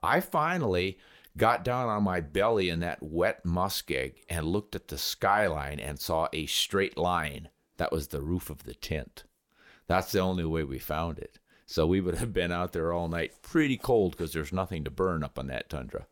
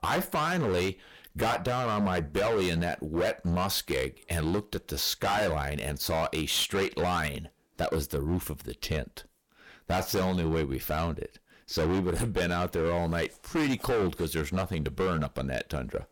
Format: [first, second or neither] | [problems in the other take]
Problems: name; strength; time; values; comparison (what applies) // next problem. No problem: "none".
first | distortion; heavy; 16% of the sound clipped